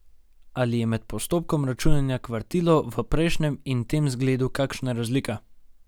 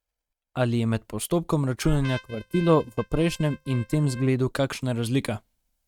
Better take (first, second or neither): first